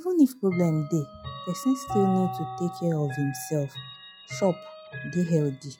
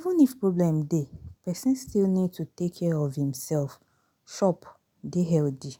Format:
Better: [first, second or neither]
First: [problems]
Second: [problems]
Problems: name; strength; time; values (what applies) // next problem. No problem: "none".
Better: second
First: noise reduction (classical method log-MMSE)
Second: none